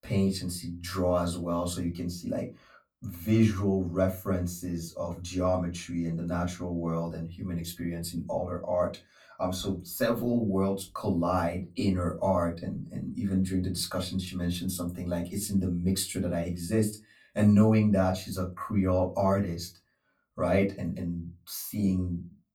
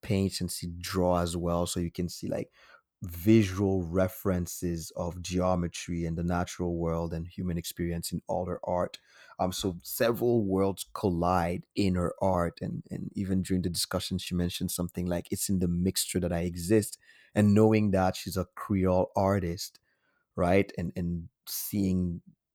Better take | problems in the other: second | off-mic speech; far // room echo; very slight; dies away in 0.2 s

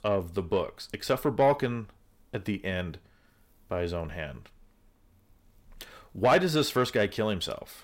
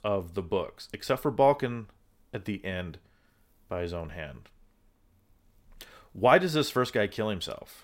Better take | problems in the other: second | distortion; slight; 10 dB below the speech

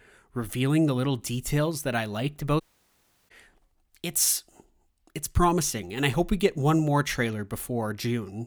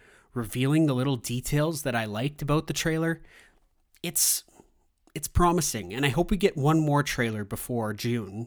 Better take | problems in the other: second | audio cutting out; at 2.5 s for 0.5 s

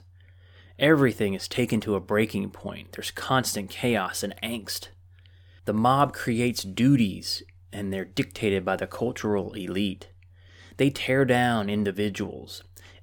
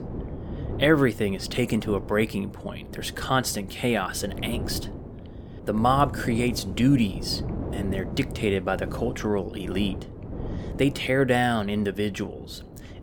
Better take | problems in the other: first | wind noise on the microphone; occasional gusts; 15 dB below the speech

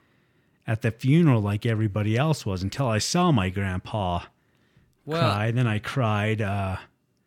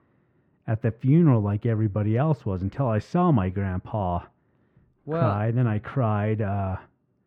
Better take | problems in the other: first | muffled; very; fading above 2.5 kHz

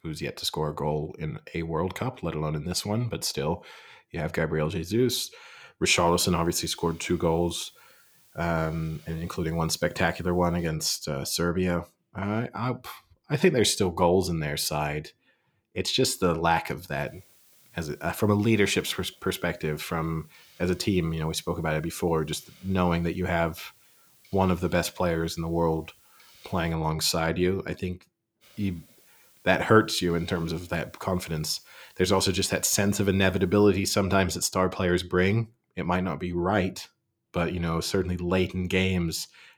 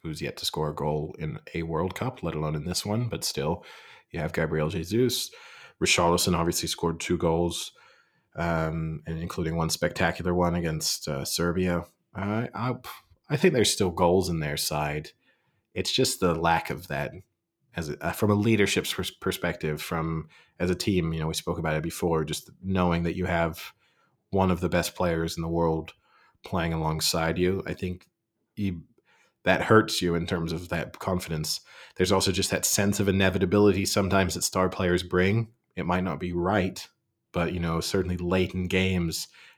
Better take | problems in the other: second | hiss; faint; from 6 to 11 s, from 17 to 27 s and from 28 to 34 s; 30 dB below the speech

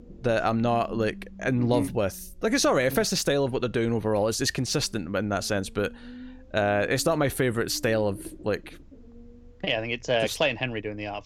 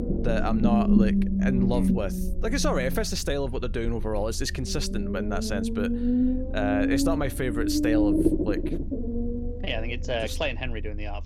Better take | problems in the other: first | low rumble; loud; throughout; 1 dB below the speech; faint in the first

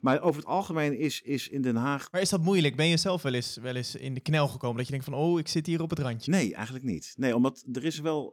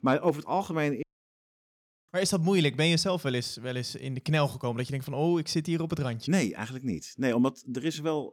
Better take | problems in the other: first | audio cutting out; at 1 s for 1 s

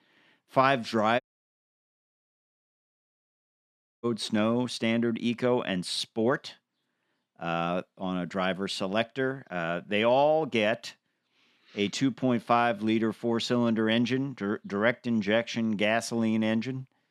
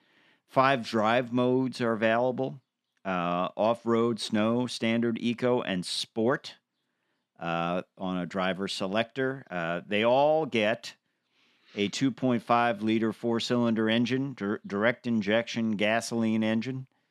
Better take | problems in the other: second | audio cutting out; at 1 s for 3 s

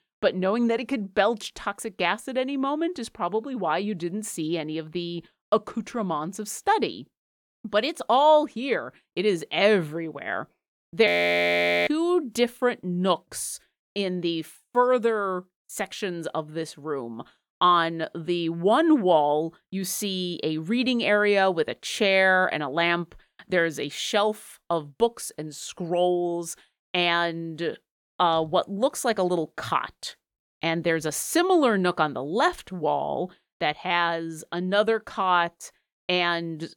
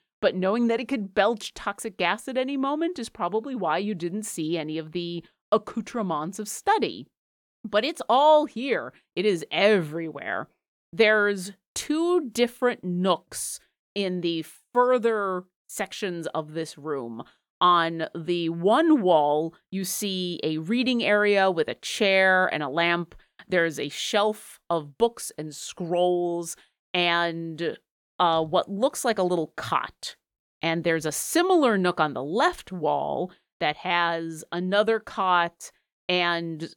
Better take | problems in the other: second | audio freezing; at 11 s for 1 s

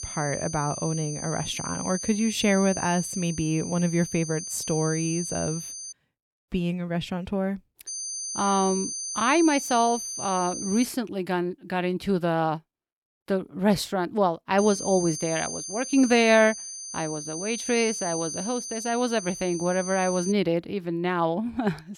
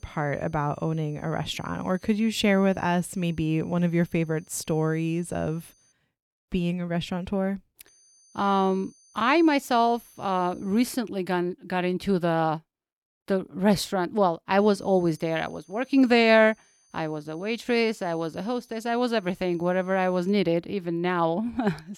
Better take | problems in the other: second | high-pitched whine; loud; until 6 s, from 8 to 11 s and from 15 to 20 s; 6 kHz, 6 dB below the speech; faint in the second

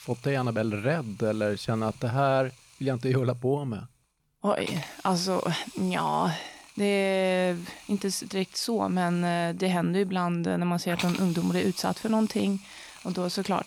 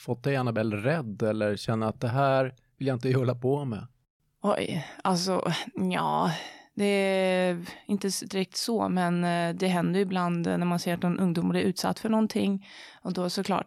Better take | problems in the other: second | hiss; noticeable; throughout; 15 dB below the speech

